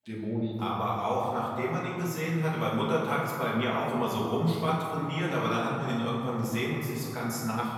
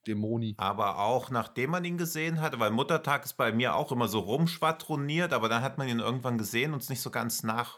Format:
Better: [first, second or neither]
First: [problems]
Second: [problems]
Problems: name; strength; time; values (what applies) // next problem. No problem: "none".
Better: second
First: room echo; noticeable; dies away in 2.2 s // off-mic speech; far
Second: none